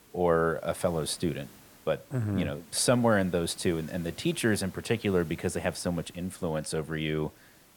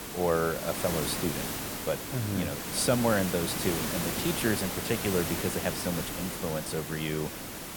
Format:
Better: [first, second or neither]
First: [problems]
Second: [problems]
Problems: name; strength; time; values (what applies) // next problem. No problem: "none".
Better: first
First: hiss; faint; throughout; 25 dB below the speech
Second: hiss; loud; throughout; 2 dB below the speech